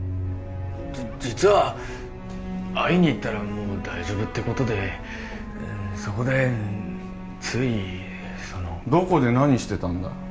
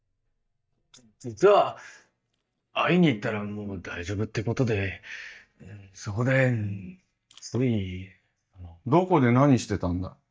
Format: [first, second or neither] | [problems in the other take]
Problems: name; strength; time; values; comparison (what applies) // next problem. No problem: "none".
first | noise reduction (neural mask model DeepFilterNet 3)